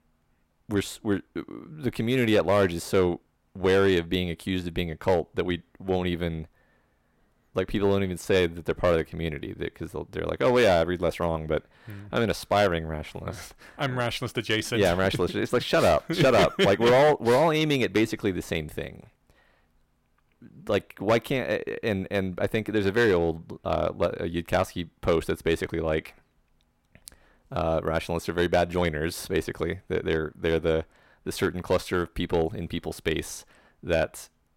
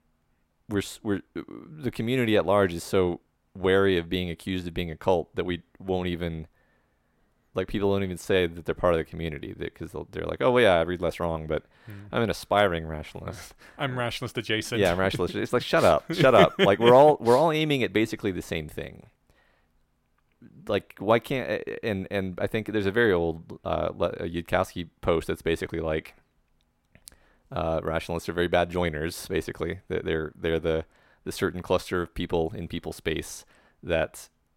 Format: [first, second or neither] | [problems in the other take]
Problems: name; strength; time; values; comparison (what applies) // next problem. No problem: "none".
second | distortion; slight; 3% of the sound clipped